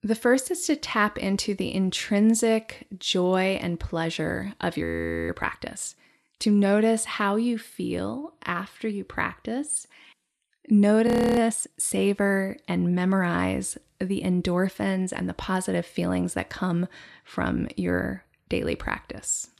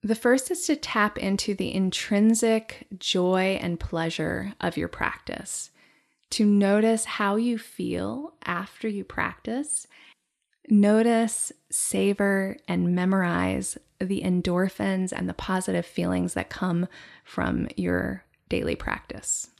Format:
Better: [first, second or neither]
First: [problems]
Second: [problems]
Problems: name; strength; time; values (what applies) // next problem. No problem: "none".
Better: second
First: audio freezing; at 5 s and at 11 s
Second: none